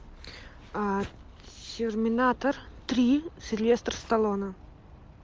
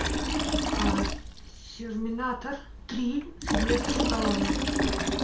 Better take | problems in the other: first | background sound (Liquid); 4 dB above the speech // room echo; dies away in 0.3 s

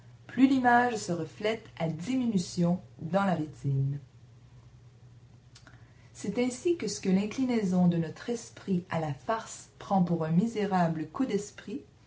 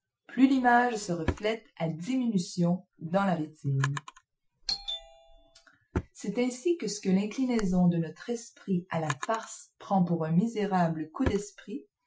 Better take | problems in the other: first | noise reduction (classical method Wiener filter)

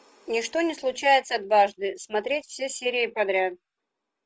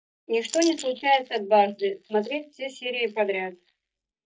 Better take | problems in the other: first | noise reduction (neural mask model DeepFilterNet 3)

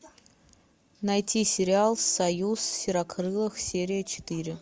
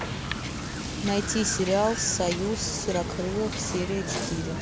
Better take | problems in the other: first | background sound (Wind / Boat, Water vehicle); 3 dB below the speech

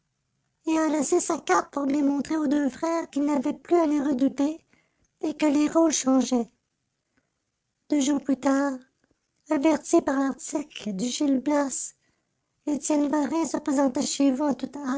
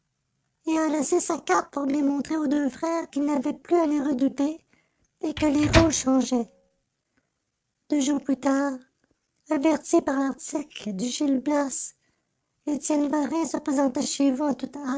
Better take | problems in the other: first | background sound (Microwave oven); 3 dB below the speech

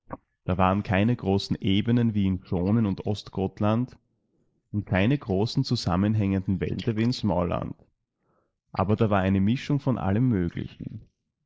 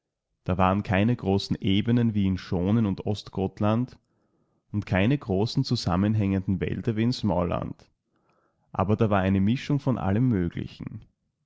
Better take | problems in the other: second | noise reduction (neural mask model Resemble Enhance denoiser)

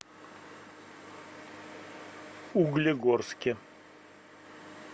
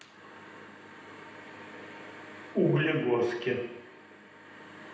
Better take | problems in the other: first | room echo; dies away in 0.9 s

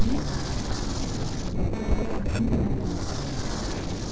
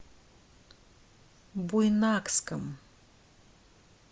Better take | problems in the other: second | noise reduction (neural separator model SepFormer DNS4)

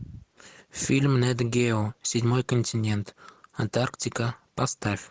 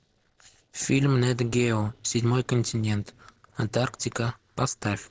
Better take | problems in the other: first | noise reduction (neural separator model SepFormer DNS4)

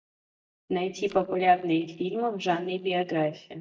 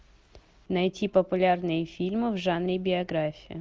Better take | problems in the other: second | noise reduction (neural mask model DeepFilterNet 3)

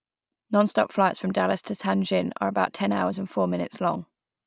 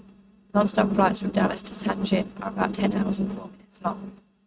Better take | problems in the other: first | noise reduction (neural mask model RNNoise)

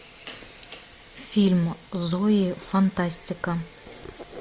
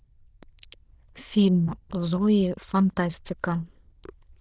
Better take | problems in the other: first | noise reduction (neural diffusion model UNIVERSE++)

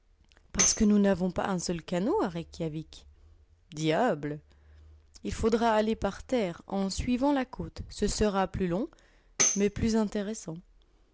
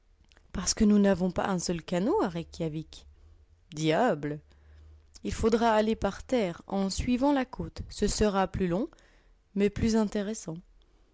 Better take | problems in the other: second | background sound (Tambourine); 3 dB below the speech

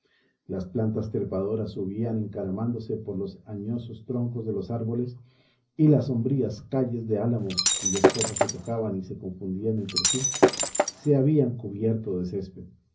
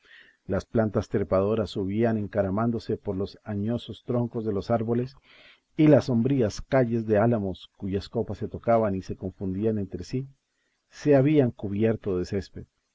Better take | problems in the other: second | background sound (Shatter); 3 dB above the speech // room echo; dies away in 0.5 s

